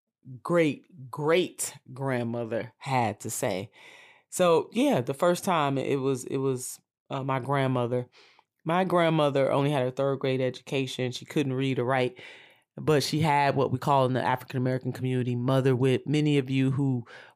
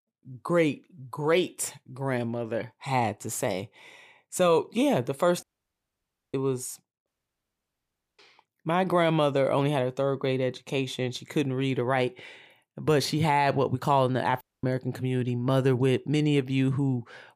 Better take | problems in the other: first | audio cutting out; at 5.5 s for 1 s, at 7 s for 1 s and at 14 s

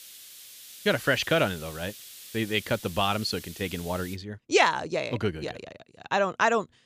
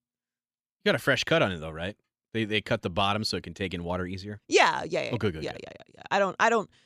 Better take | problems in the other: second | hiss; noticeable; until 4 s; 15 dB below the speech

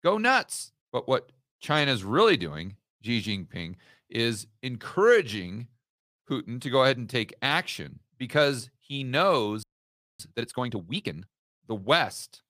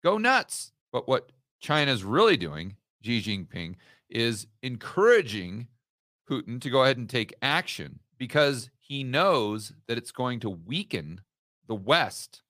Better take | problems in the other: second | audio freezing; at 9.5 s for 0.5 s

